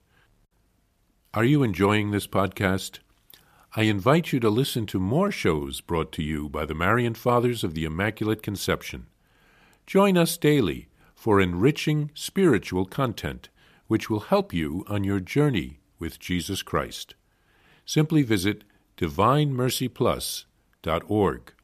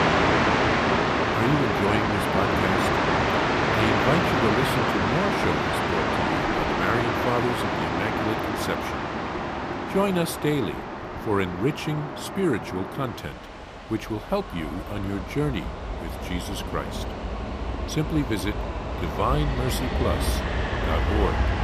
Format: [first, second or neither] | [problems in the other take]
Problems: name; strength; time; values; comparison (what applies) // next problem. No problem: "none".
first | train or aircraft noise; very loud; throughout; 3 dB above the speech